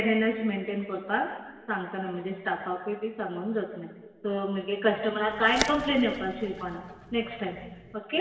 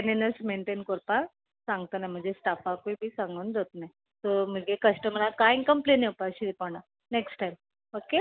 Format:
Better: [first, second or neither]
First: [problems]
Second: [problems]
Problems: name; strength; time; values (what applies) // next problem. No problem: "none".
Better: second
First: background sound (Bird); 10 dB below the speech // room echo; dies away in 1.4 s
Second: none